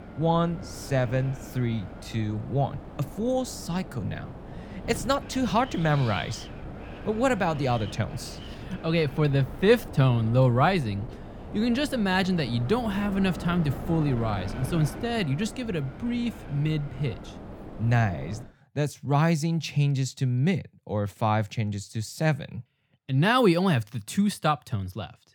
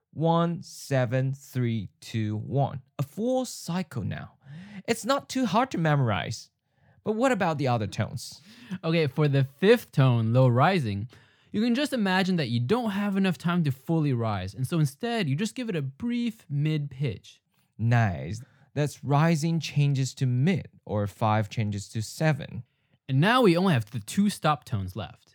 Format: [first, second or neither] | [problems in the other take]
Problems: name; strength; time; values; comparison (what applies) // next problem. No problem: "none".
second | wind noise on the microphone; occasional gusts; until 18 s; 15 dB below the speech